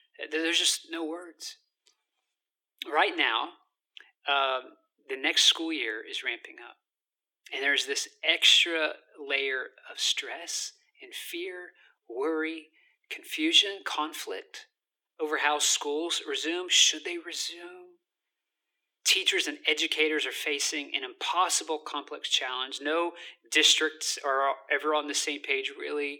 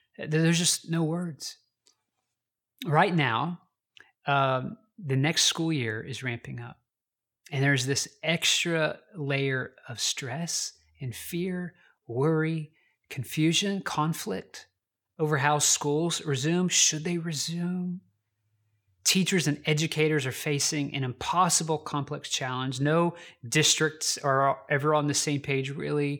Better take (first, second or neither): second